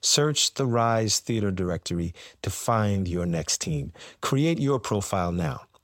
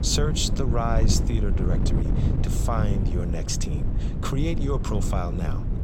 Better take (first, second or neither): first